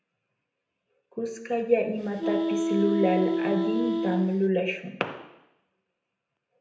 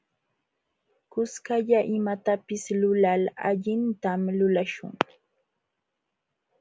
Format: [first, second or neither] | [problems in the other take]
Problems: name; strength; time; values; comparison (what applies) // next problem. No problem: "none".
second | background sound (Wind instrument, woodwind instrument); 1 dB above the speech // room echo; dies away in 0.8 s